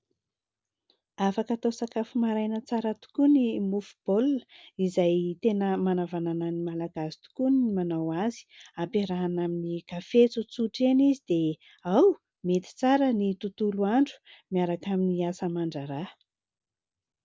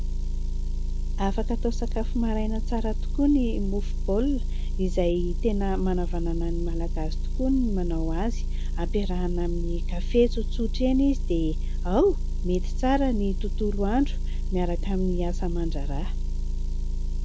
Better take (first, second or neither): first